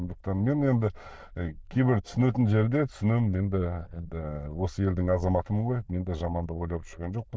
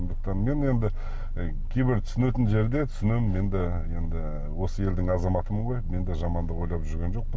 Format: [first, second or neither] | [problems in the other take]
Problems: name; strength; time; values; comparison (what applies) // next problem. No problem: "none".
second | noise reduction (neural diffusion model UNIVERSE++)